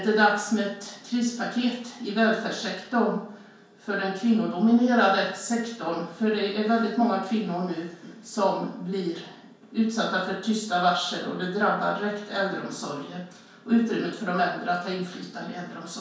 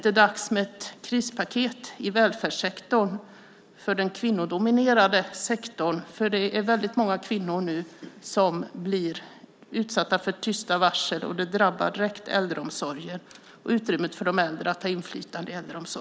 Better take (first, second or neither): second